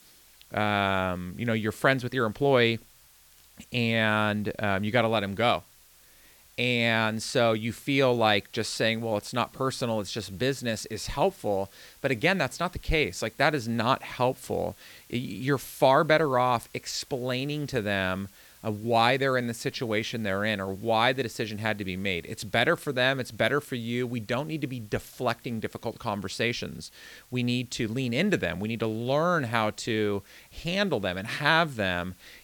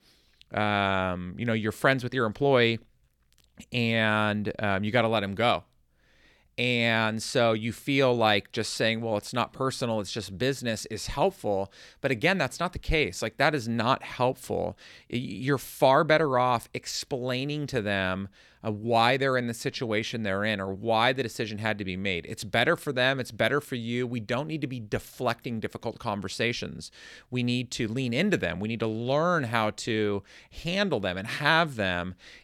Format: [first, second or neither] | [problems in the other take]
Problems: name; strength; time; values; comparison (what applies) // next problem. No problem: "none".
second | hiss; faint; throughout; 25 dB below the speech